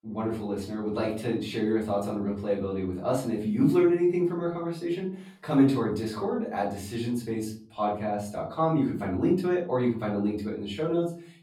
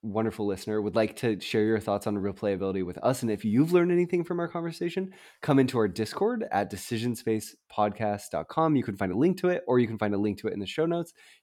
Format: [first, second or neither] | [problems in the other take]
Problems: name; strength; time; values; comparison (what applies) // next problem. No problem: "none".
second | off-mic speech; far // room echo; slight; dies away in 0.4 s